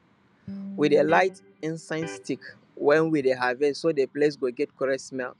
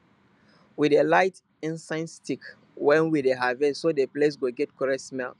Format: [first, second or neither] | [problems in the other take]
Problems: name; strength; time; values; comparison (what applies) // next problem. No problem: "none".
second | background sound (Electric guitar); 13 dB below the speech